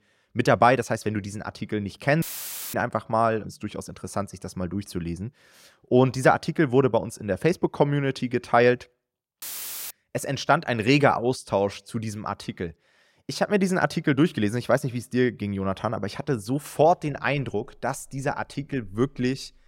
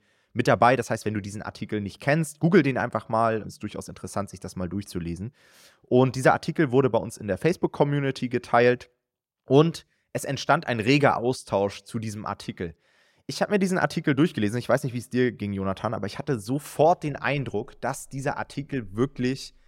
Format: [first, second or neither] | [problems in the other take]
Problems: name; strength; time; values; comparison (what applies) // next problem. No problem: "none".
second | audio cutting out; filled with static; at 2 s for 0.5 s and at 9.5 s